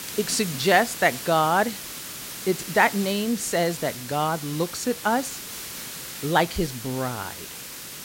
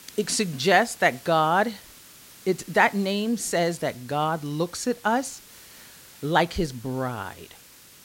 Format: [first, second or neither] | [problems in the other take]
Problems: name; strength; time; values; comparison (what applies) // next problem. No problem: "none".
second | hiss; loud; throughout; 10 dB below the speech; faint in the second